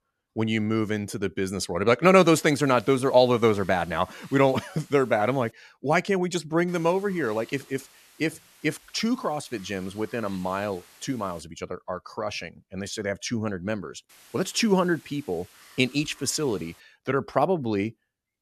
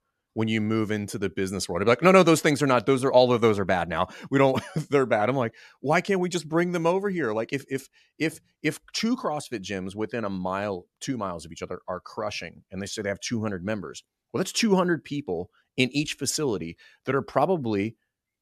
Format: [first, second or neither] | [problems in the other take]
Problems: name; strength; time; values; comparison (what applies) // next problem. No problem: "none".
second | hiss; faint; from 2 to 5.5 s, from 6.5 to 11 s and from 14 to 17 s; 25 dB below the speech